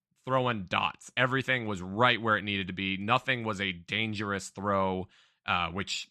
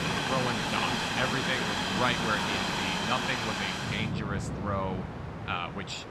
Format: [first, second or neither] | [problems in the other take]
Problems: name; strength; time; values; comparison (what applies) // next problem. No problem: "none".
first | train or aircraft noise; very loud; throughout; 3 dB above the speech